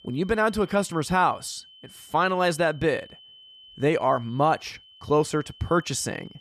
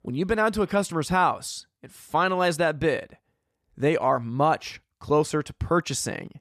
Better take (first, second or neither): second